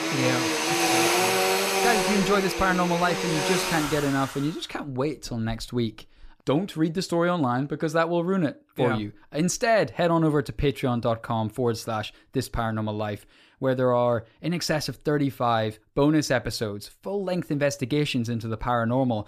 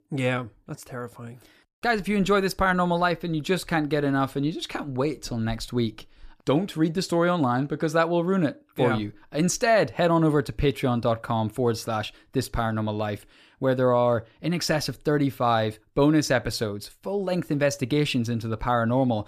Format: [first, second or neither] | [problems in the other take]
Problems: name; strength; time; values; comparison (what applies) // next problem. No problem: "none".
second | household noises; very loud; until 4 s; 2 dB above the speech